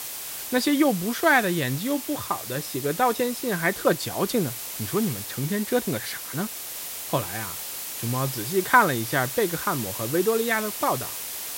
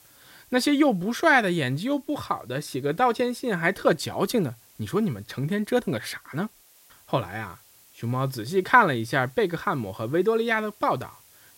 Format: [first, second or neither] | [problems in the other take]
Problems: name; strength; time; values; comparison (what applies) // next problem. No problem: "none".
second | hiss; loud; throughout; 6 dB below the speech; faint in the second